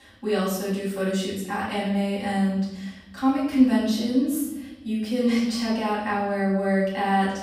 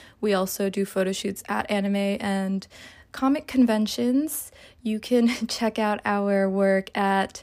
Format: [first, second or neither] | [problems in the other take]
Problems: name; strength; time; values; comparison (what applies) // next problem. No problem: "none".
second | off-mic speech; far // room echo; noticeable; dies away in 0.9 s